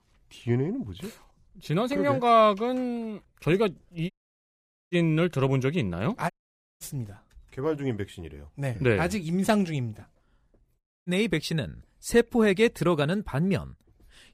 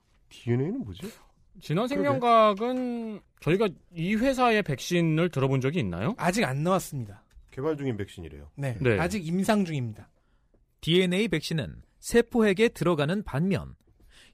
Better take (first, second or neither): second